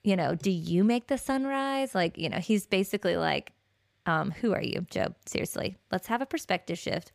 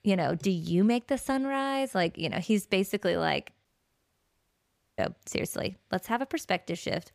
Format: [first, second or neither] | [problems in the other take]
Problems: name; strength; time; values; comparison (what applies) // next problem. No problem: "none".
first | audio cutting out; at 3.5 s for 1.5 s